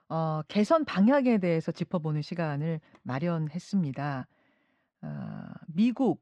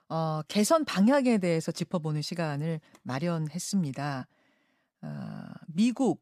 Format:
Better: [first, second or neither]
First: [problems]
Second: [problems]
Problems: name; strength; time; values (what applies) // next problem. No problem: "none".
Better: second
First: muffled; slightly; fading above 3 kHz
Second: none